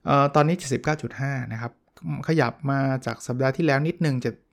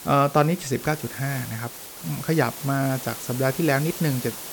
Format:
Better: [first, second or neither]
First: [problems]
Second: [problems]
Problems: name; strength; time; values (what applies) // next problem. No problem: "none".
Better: first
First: none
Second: hiss; loud; throughout; 10 dB below the speech